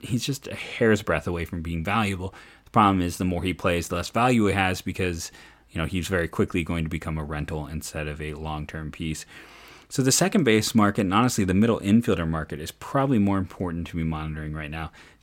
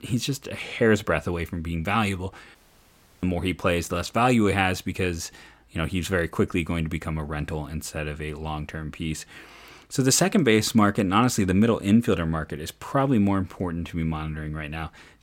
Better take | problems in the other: first | audio cutting out; at 2.5 s for 0.5 s

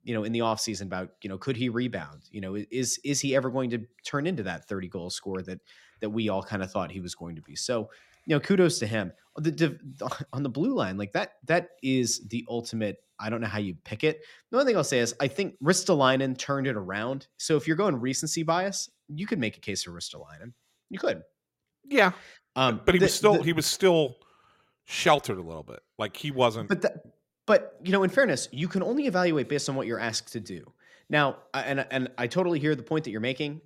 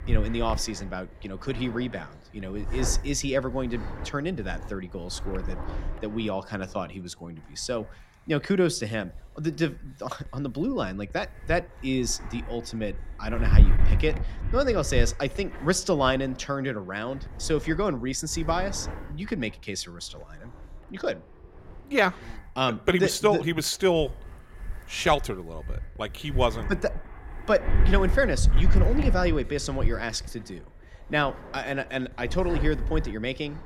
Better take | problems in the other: first | wind noise on the microphone; occasional gusts; 15 dB below the speech

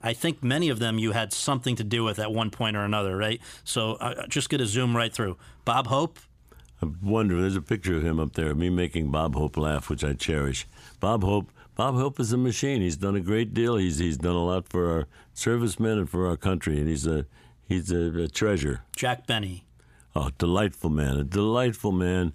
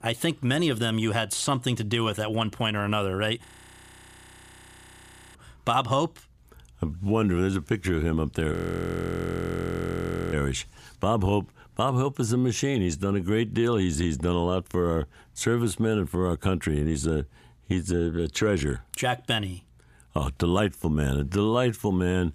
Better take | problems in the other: first | audio freezing; at 3.5 s for 2 s and at 8.5 s for 2 s

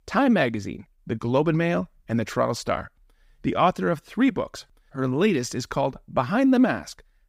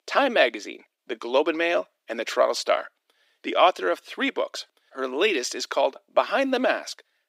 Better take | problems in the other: first | thin; somewhat; fading below 300 Hz

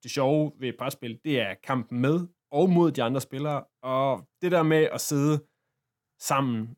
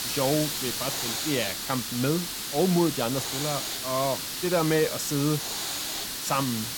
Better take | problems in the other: first | hiss; loud; throughout; 2 dB below the speech

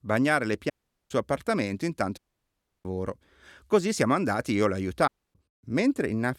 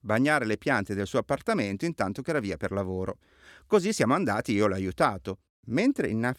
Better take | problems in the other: second | audio cutting out; at 0.5 s, at 2 s for 0.5 s and at 5 s

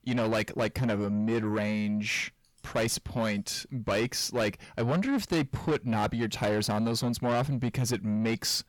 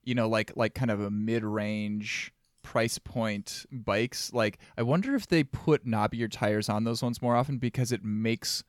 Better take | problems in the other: second | distortion; heavy; 8 dB below the speech

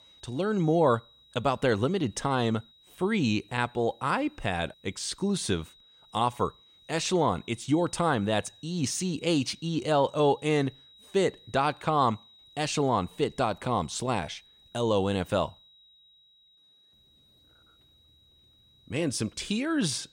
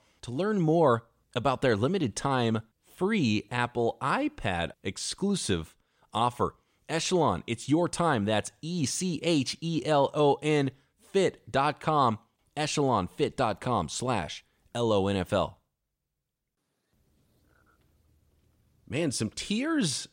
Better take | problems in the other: second | high-pitched whine; faint; throughout; 4 kHz, 25 dB below the speech

